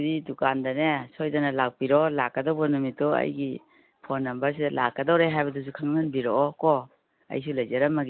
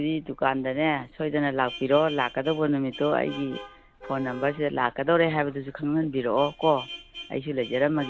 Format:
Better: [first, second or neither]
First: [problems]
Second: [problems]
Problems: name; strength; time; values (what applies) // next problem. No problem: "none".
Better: first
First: none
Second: background sound (Vehicle horn, car horn, honking); 17 dB below the speech